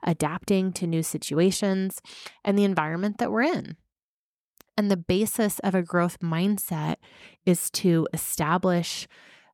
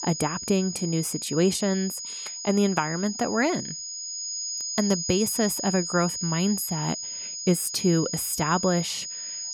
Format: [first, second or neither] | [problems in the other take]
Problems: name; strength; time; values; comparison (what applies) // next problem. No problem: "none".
first | high-pitched whine; loud; throughout; 6.5 kHz, 5 dB below the speech